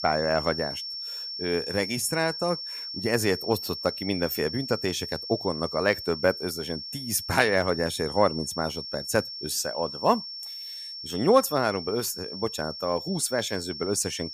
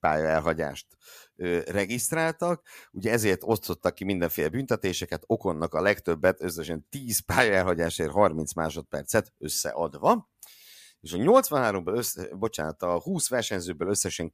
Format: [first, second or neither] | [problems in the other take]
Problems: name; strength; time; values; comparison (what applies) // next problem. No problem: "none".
second | high-pitched whine; loud; throughout; 5.5 kHz, 7 dB below the speech